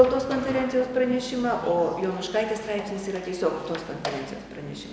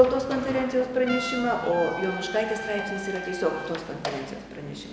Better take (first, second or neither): first